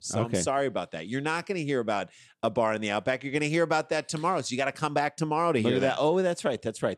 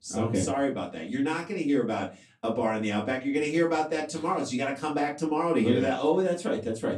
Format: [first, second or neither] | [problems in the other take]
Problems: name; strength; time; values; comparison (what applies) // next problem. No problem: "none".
first | off-mic speech; far // room echo; very slight; dies away in 0.2 s